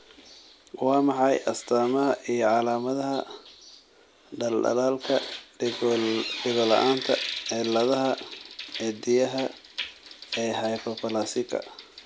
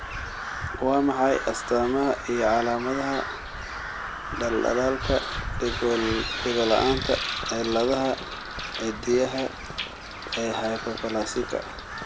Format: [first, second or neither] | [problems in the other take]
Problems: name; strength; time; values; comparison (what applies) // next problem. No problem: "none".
first | background sound (Crow); 7 dB below the speech